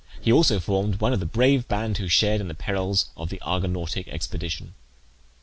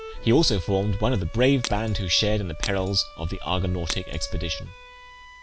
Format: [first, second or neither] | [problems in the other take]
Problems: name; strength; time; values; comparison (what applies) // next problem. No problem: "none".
first | background sound (Shatter + Bowed string instrument); 15 dB below the speech